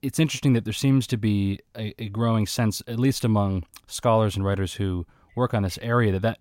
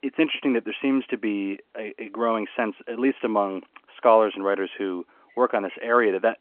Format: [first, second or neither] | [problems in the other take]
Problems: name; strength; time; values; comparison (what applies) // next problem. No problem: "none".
first | phone-call audio